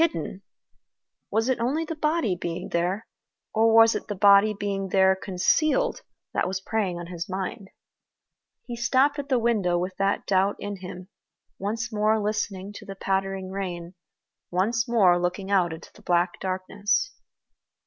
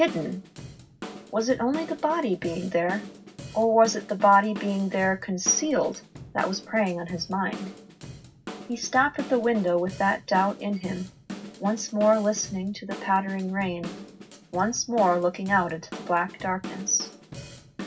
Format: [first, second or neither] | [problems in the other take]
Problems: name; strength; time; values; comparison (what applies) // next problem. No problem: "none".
first | background sound (Drum / Drum kit); 15 dB below the speech // room echo; dies away in 0.4 s